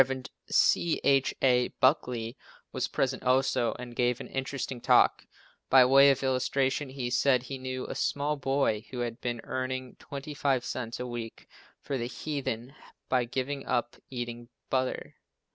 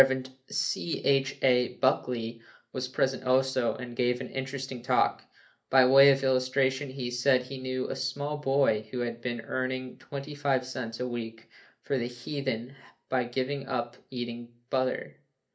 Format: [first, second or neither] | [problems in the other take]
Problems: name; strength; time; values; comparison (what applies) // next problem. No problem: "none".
first | room echo; dies away in 0.3 s